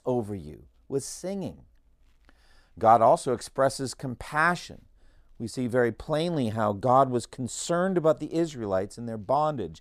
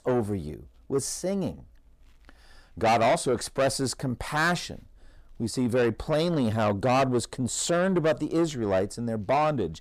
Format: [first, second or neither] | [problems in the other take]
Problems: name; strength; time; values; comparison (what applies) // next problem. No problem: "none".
first | distortion; heavy; 6 dB below the speech